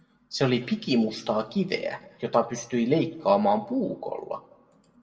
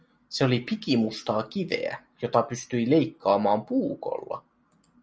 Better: second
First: room echo; dies away in 0.9 s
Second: none

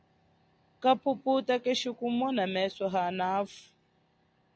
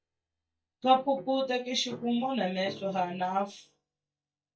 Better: first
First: none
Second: noise reduction (neural mask model DeepFilterNet 3)

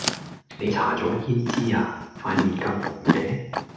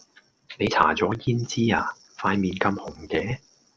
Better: second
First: background sound (Chewing, mastication); 3 dB below the speech // room echo; dies away in 0.8 s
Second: none

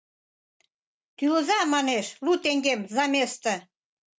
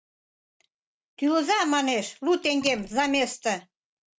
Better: first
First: none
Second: background sound (Wood); 16 dB below the speech

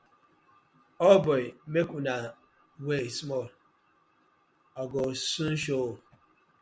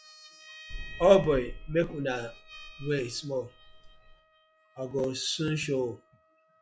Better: first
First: none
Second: noise reduction (classical method log-MMSE)

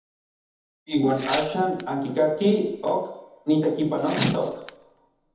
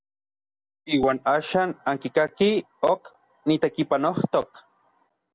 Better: second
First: background sound (Tearing); 12 dB below the speech // room echo; dies away in 1.1 s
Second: none

